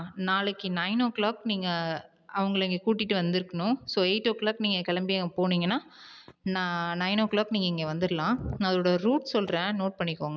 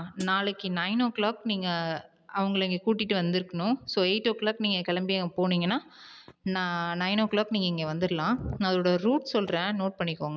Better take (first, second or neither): first